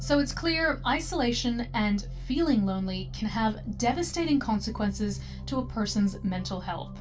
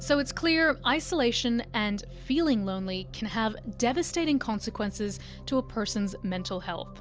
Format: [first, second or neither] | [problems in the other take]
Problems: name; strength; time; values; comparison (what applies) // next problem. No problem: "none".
second | room echo; dies away in 0.2 s